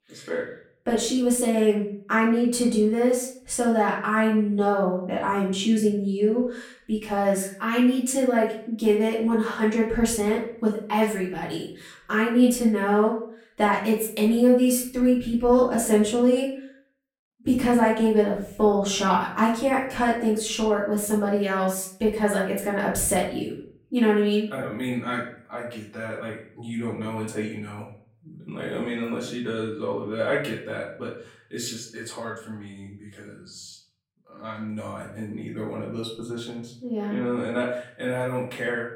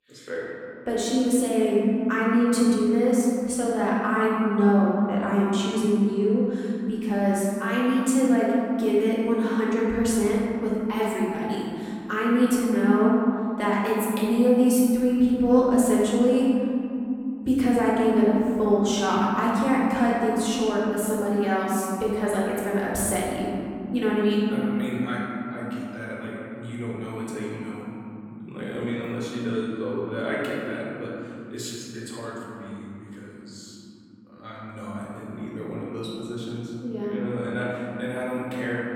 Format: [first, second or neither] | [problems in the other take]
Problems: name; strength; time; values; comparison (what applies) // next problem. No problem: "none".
first | room echo; strong; dies away in 3 s; slight in the first // off-mic speech; far; far in the first